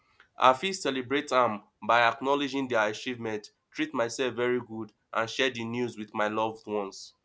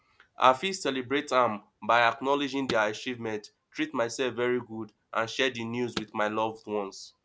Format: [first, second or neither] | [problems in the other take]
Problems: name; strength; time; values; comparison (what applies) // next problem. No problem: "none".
first | background sound (Car); 18 dB below the speech